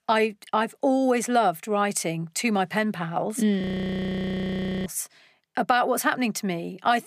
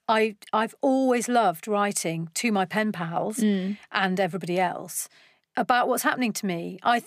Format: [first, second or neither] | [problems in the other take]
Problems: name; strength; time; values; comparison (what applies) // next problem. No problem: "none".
second | audio freezing; at 3.5 s for 1.5 s